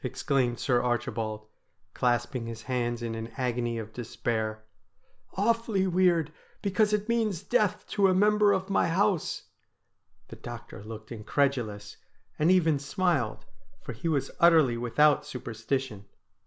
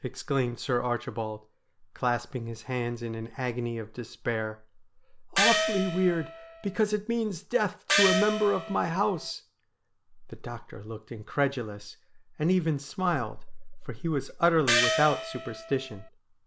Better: first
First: none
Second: background sound (Gong); as loud as the speech

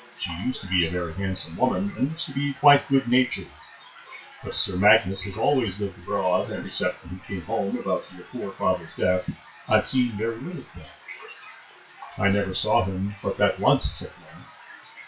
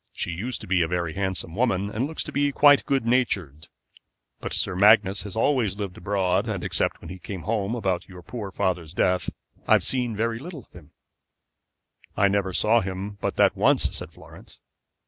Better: second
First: noise reduction (classical method WPE with log-MMSE)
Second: none

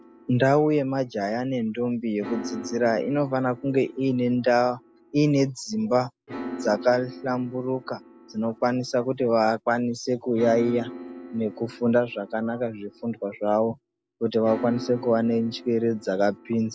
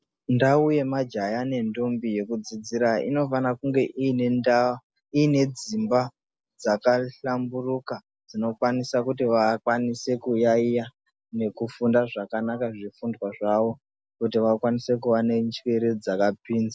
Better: second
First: background sound (Piano); 16 dB below the speech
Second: none

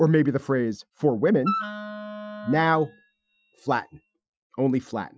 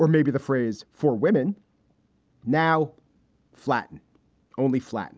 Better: second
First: noise reduction (classical method Wiener filter)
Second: none

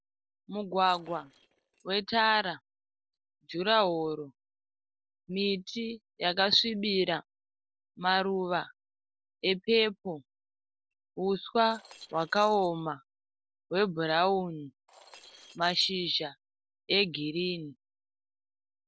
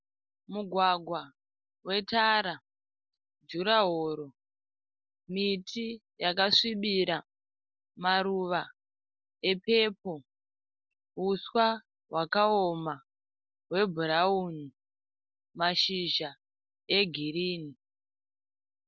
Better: second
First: noise reduction (neural separator model SepFormer DNS4)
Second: none

